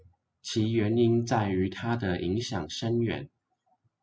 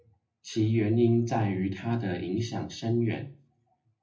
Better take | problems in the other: first | room echo; dies away in 0.3 s

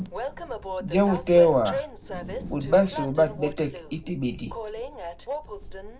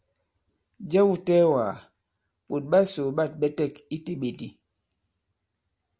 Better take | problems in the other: second | background sound (Train); 9 dB below the speech // room echo; dies away in 0.3 s

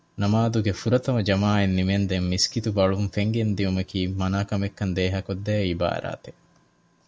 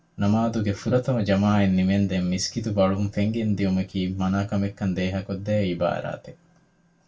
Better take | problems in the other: first | room echo; dies away in 0.2 s

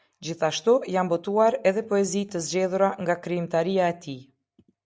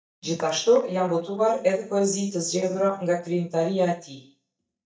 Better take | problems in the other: first | noise reduction (neural mask model DeepFilterNet 3)

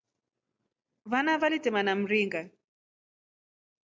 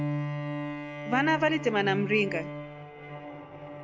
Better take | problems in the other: first | background sound (Bowed string instrument); 5 dB below the speech

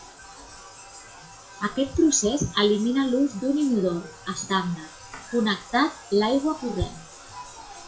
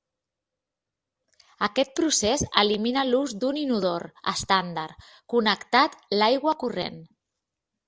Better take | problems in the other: second | noise reduction (classical method WPE with log-MMSE)

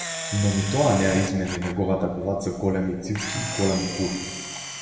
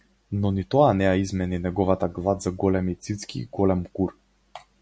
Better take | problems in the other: second | background sound (Camera); 9 dB below the speech // room echo; dies away in 1.2 s

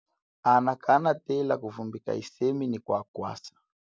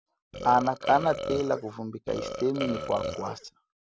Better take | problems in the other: first | background sound (Burping, eructation); 7 dB below the speech

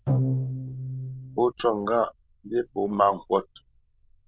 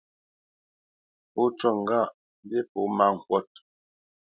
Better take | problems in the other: second | noise reduction (neural diffusion model UNIVERSE++)

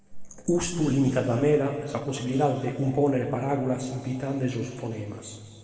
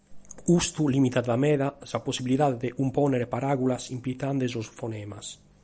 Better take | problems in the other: second | room echo; dies away in 2.2 s

